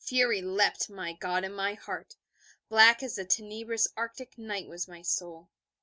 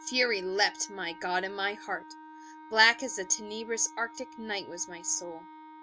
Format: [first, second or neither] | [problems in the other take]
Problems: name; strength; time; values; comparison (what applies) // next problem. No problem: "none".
first | background sound (Wind instrument, woodwind instrument); 17 dB below the speech